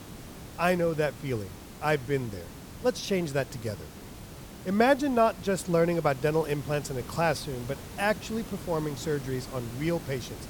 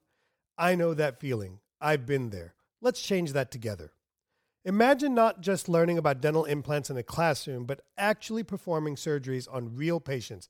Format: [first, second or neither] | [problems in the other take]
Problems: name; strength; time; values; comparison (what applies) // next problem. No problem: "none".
second | hiss; noticeable; throughout; 15 dB below the speech